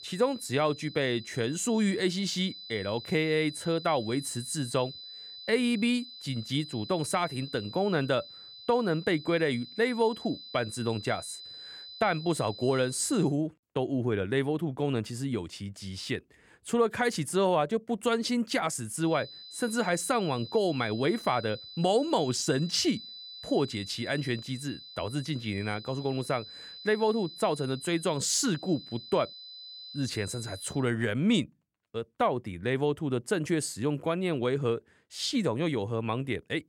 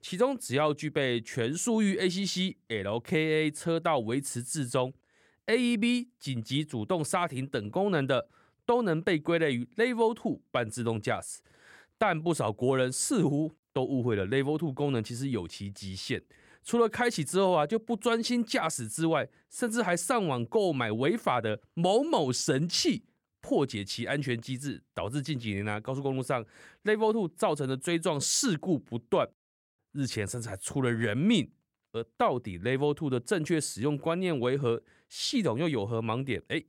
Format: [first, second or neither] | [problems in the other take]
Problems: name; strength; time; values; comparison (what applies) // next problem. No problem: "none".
second | high-pitched whine; noticeable; until 13 s and from 19 to 31 s; 4 kHz, 15 dB below the speech